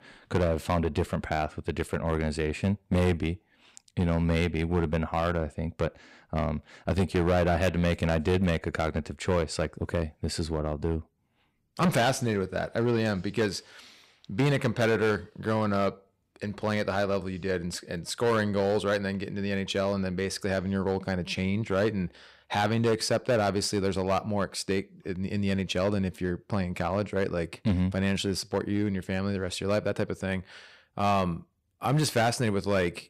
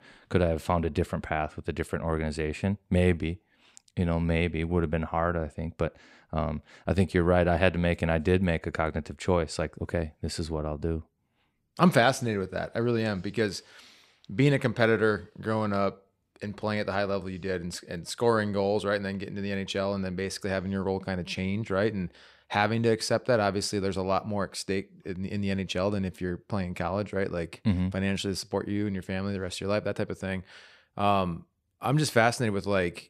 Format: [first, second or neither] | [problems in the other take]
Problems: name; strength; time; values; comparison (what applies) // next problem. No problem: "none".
second | distortion; slight; 5% of the sound clipped